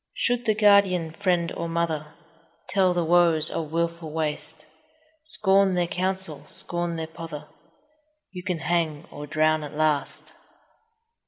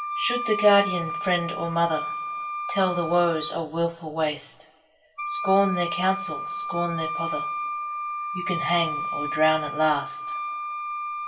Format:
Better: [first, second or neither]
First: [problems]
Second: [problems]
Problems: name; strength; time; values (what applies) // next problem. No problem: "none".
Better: first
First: none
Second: background sound (Wind instrument, woodwind instrument); 5 dB below the speech // room echo; dies away in 0.2 s